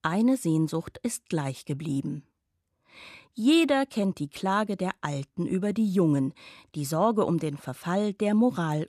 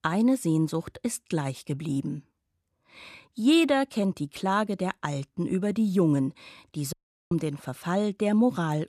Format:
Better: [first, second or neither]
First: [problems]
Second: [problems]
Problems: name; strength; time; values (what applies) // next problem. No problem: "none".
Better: first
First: none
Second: audio cutting out; at 7 s